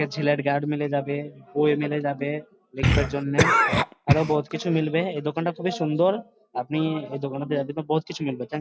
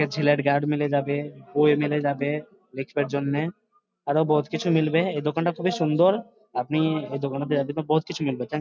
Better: second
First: background sound (Cough); 1 dB above the speech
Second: none

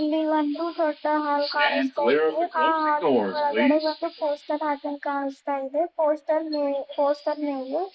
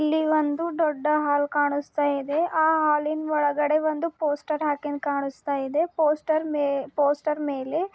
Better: second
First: noise reduction (neural mask model Resemble Enhance denoiser)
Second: none

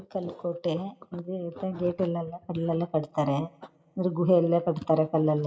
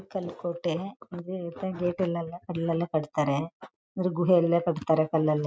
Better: second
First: room echo; dies away in 0.7 s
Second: none

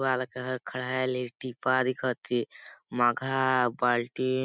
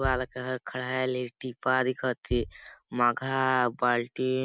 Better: first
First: none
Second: background sound (Bass drum); 14 dB below the speech

